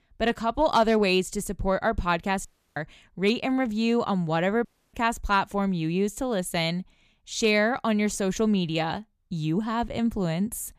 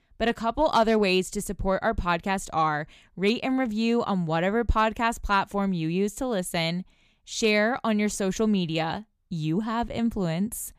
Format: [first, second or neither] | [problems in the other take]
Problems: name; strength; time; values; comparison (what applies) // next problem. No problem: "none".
second | audio cutting out; at 2.5 s and at 4.5 s